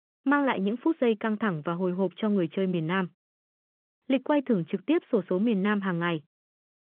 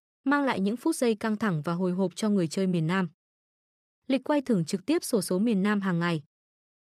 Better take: second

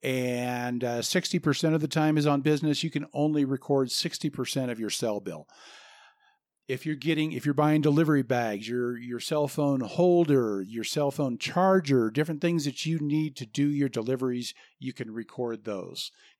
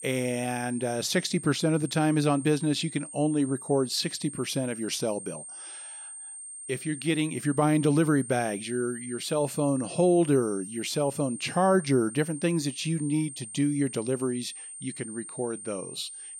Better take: first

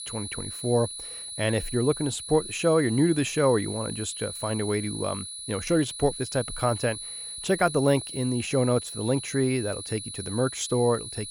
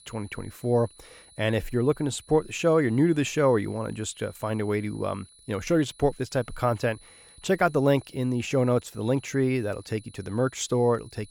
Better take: second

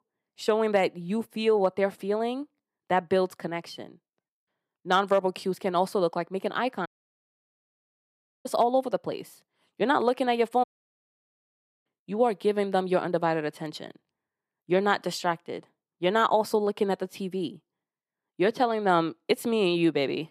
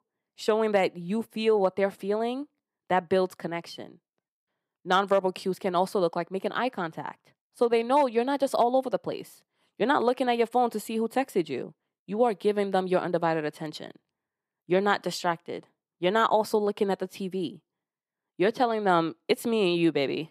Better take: second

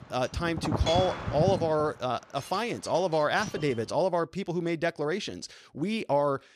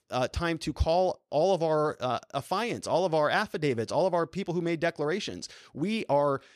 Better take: second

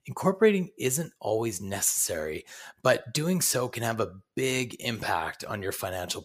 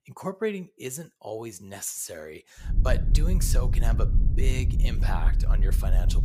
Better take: first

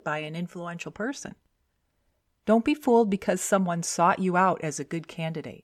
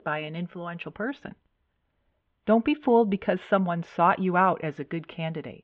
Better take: first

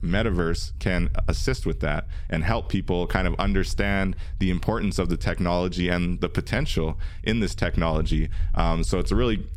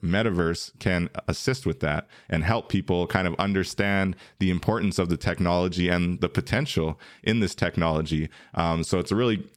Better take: second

